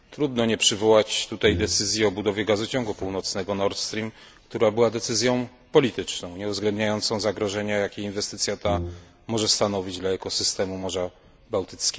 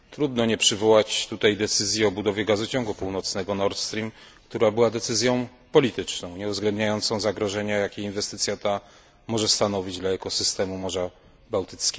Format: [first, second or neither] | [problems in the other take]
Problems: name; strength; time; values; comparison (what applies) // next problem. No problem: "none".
second | background sound (Brass instrument); 8 dB below the speech